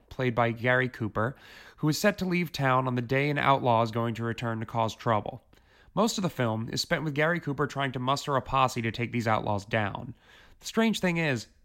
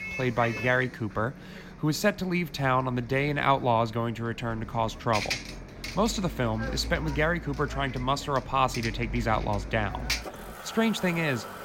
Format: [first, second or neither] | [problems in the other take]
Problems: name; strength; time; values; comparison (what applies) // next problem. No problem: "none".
first | traffic noise; loud; throughout; 10 dB below the speech